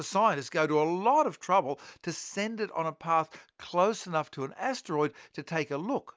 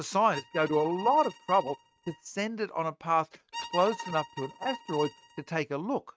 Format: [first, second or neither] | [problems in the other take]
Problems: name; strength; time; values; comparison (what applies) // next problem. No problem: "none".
first | noise reduction (neural mask model RNNoise)